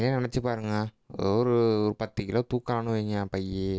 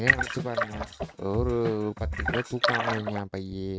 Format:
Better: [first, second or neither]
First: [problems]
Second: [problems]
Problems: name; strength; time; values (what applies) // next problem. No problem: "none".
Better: first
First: none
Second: noise reduction (neural mask model RNNoise)